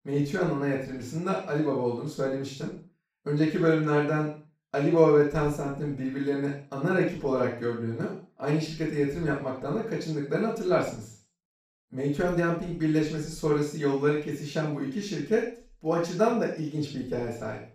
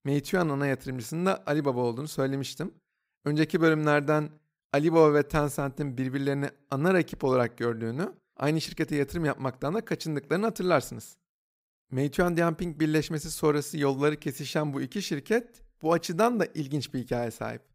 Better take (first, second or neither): second